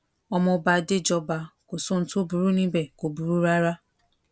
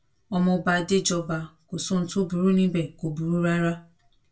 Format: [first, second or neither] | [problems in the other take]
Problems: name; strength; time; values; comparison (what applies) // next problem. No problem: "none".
first | room echo; dies away in 0.1 s